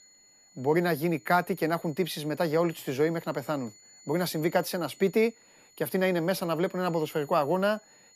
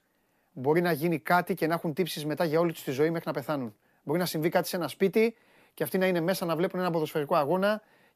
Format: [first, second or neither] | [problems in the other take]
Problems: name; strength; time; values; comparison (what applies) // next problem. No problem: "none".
second | high-pitched whine; faint; throughout; 7 kHz, 25 dB below the speech